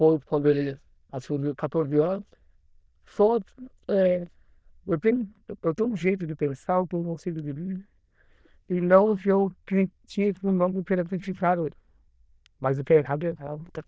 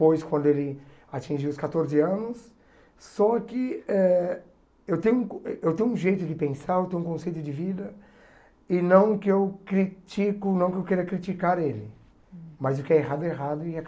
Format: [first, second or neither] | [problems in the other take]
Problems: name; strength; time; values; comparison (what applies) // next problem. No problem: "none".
second | noise reduction (neural diffusion model UNIVERSE++)